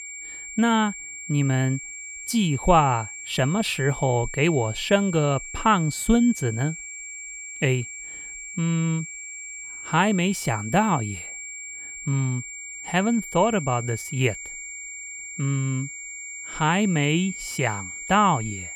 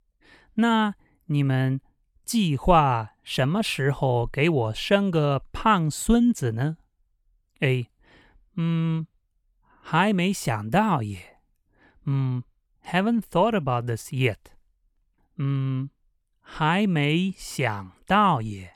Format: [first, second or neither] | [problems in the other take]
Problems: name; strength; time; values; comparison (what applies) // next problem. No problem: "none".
second | high-pitched whine; noticeable; throughout; 2.5 kHz, 10 dB below the speech